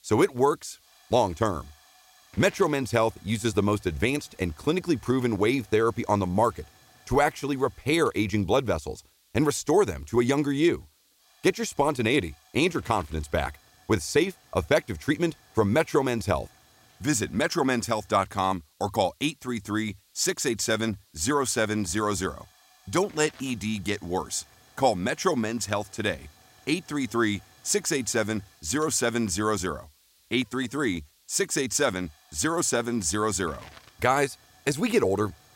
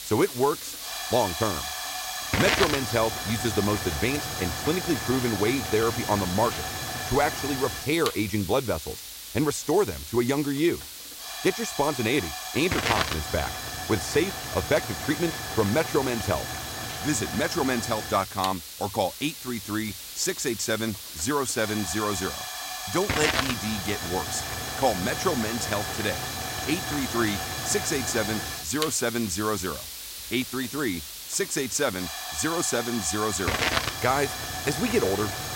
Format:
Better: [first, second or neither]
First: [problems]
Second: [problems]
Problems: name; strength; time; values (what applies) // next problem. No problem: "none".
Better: first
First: hiss; faint; throughout; 30 dB below the speech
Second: hiss; loud; throughout; 4 dB below the speech